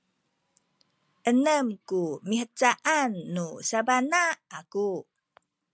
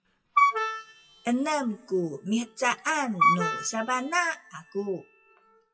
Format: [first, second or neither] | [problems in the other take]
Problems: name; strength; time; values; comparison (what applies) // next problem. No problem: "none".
first | noise reduction (classical method WPE with log-MMSE)